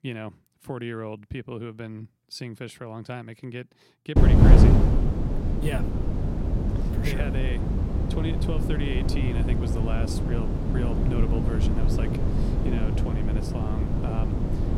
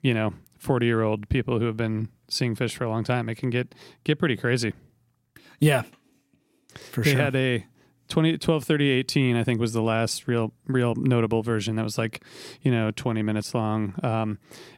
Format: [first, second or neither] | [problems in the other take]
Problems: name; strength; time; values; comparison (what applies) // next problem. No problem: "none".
second | wind noise on the microphone; heavy; from 4 s on; 3 dB above the speech